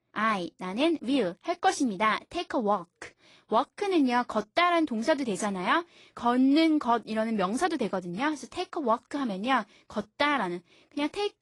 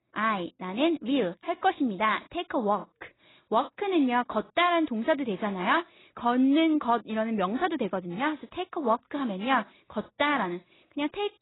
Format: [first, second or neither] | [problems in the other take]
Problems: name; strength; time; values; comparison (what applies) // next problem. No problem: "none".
first | garbled, watery; badly; nothing above 4 kHz; slightly in the first